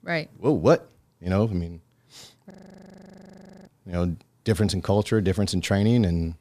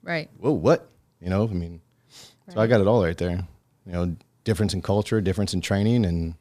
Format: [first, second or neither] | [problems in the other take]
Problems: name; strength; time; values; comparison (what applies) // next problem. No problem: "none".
second | audio freezing; at 2.5 s for 1 s